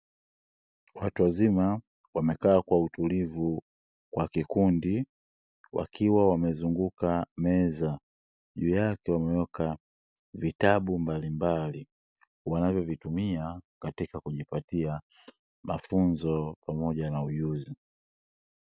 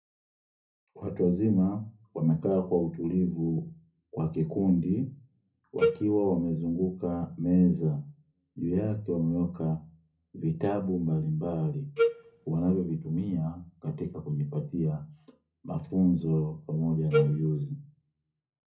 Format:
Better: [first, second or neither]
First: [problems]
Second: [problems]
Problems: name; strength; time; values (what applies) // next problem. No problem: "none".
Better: first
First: none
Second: background sound (Wind instrument, woodwind instrument); 1 dB above the speech // room echo; dies away in 0.4 s